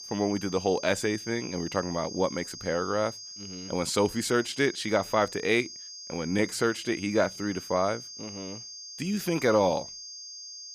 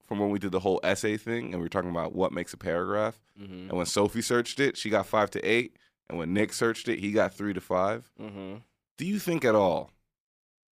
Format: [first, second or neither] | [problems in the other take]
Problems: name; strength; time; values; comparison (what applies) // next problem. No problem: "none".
second | high-pitched whine; noticeable; throughout; 5 kHz, 10 dB below the speech